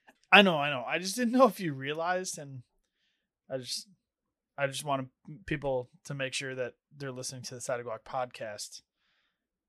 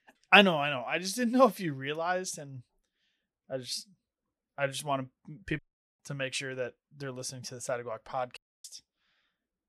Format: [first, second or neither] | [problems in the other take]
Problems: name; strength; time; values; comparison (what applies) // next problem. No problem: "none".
first | audio cutting out; at 5.5 s and at 8.5 s